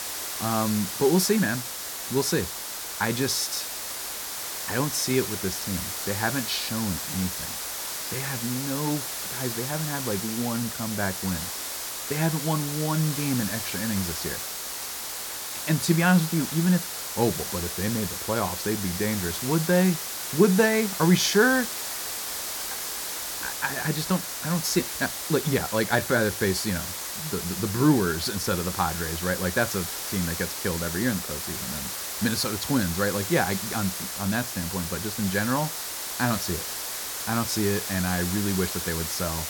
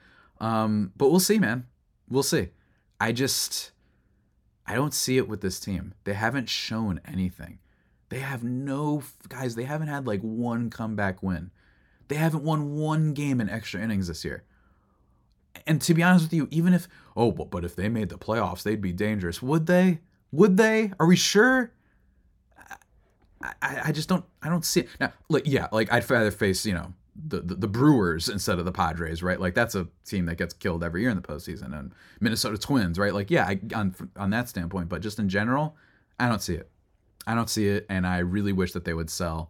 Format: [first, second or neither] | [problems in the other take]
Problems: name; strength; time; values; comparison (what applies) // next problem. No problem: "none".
second | hiss; loud; throughout; 4 dB below the speech